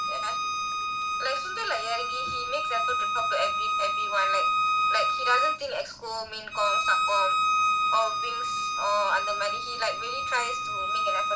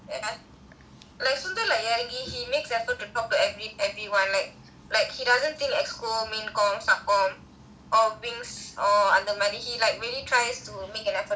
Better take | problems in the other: second | background sound (Bowed string instrument); 4 dB above the speech

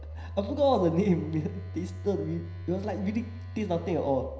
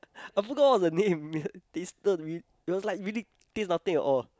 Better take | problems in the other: second | background sound (Telephone); 10 dB below the speech // room echo; dies away in 0.9 s

